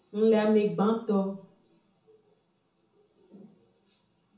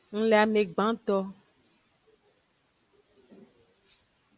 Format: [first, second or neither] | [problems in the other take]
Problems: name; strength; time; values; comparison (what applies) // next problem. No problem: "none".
second | room echo; dies away in 0.6 s